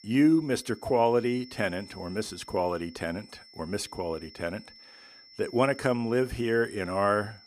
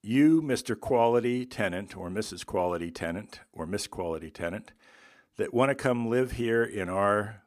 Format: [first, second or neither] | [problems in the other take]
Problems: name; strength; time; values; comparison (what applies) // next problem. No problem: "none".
second | high-pitched whine; faint; throughout; 5.5 kHz, 20 dB below the speech